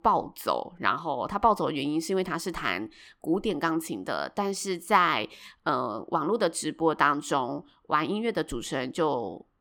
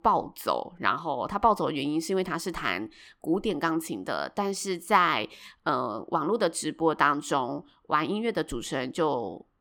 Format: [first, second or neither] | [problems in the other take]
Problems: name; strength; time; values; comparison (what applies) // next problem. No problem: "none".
neither | none